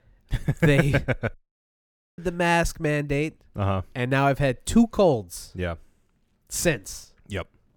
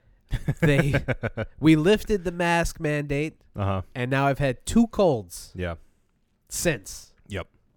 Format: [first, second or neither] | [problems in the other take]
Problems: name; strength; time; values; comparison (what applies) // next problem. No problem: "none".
second | audio cutting out; at 1.5 s for 1 s